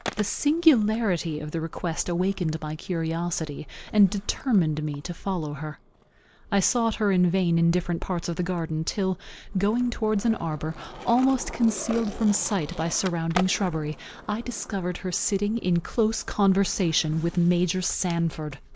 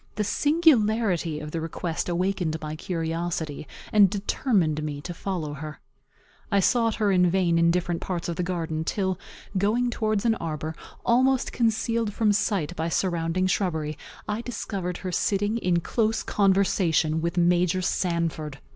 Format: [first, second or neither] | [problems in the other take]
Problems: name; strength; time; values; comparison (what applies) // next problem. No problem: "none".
second | background sound (Skateboard); 18 dB below the speech